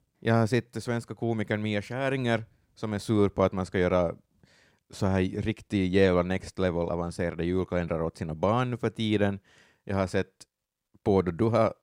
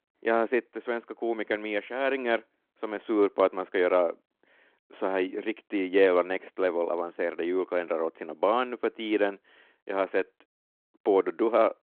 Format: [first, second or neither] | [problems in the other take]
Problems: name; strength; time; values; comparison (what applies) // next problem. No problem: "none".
first | phone-call audio